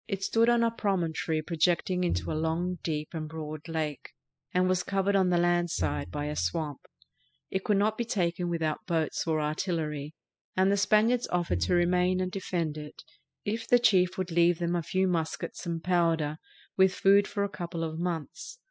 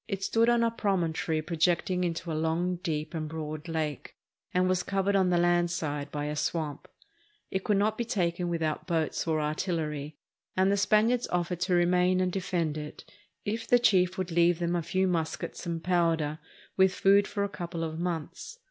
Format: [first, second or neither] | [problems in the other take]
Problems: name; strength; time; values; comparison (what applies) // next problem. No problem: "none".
second | noise reduction (classical method spectral subtraction)